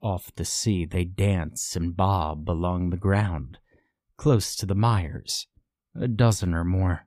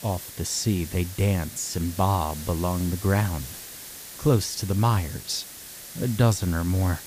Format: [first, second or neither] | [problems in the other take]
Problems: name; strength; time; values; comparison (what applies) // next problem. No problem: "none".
first | hiss; noticeable; throughout; 10 dB below the speech